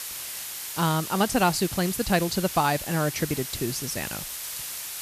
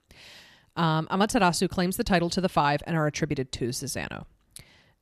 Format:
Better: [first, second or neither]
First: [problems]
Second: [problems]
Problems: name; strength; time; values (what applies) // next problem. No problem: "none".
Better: second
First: hiss; loud; throughout; 7 dB below the speech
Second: none